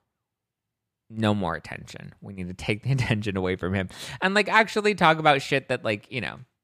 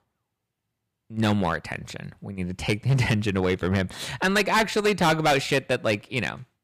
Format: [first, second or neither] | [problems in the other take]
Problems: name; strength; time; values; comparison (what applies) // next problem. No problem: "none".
first | distortion; heavy; 6% of the sound clipped